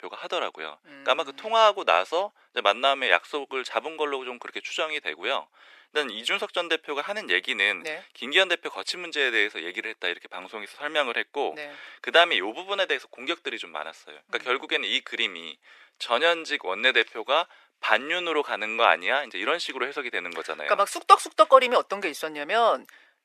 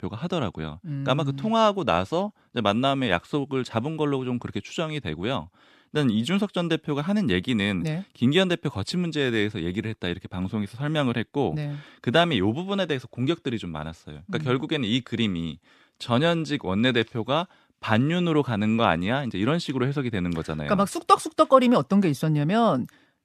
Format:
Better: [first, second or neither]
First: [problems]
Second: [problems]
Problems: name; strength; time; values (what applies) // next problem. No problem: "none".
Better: second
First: thin; very; fading below 450 Hz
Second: none